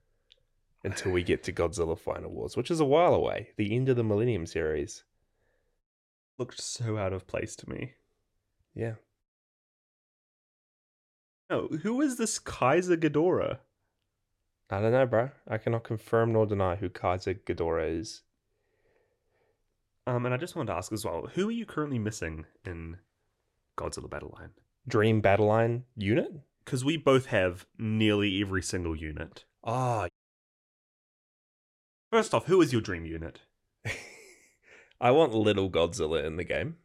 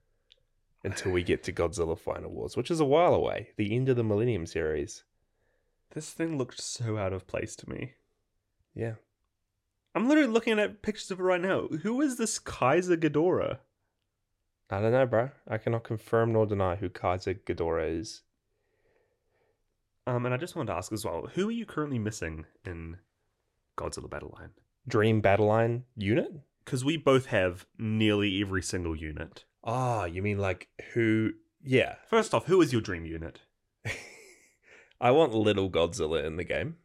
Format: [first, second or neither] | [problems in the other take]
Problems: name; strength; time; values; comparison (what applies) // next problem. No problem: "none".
second | audio cutting out; at 6 s for 0.5 s, at 9 s for 2.5 s and at 30 s for 2 s